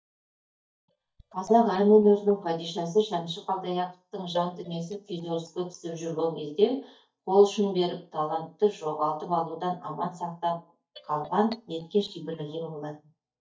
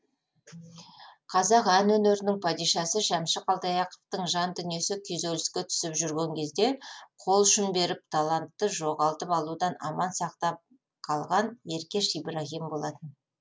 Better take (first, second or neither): second